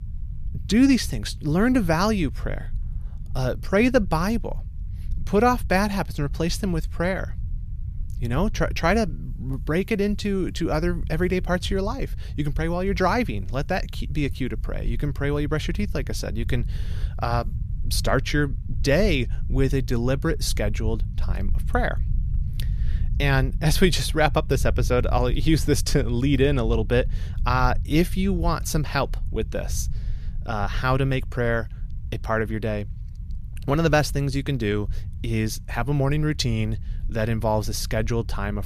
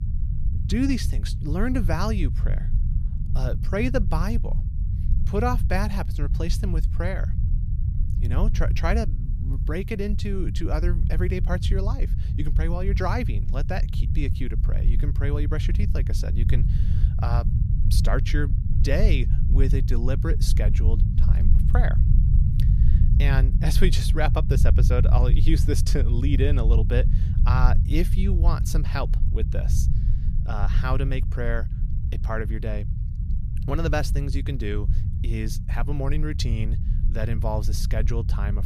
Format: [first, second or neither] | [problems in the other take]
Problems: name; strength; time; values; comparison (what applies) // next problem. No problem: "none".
first | low rumble; loud; throughout; 9 dB below the speech; faint in the first